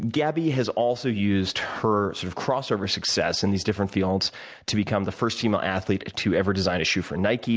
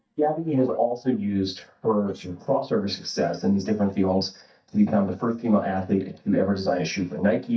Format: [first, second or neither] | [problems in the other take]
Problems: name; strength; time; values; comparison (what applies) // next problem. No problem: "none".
first | noise reduction (neural mask model DeepFilterNet 3)